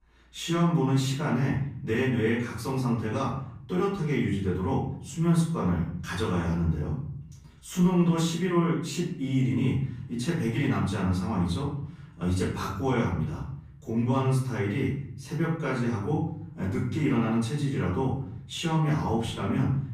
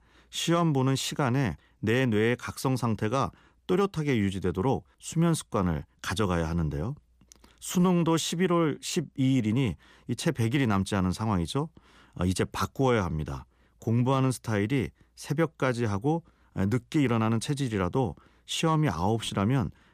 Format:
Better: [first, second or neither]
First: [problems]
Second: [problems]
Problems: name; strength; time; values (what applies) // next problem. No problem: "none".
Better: second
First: off-mic speech; far // room echo; noticeable; dies away in 0.8 s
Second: none